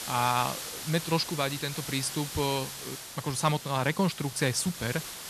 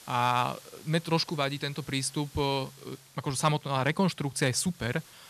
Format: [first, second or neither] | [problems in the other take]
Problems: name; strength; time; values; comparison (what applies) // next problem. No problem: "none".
second | hiss; loud; throughout; 8 dB below the speech; faint in the second